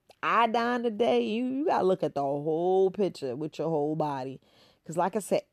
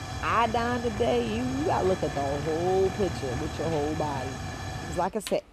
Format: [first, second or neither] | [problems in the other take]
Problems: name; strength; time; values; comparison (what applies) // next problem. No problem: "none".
first | hiss; loud; throughout; 7 dB below the speech